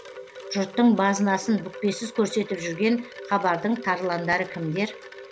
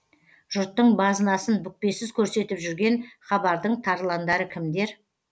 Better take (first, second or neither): second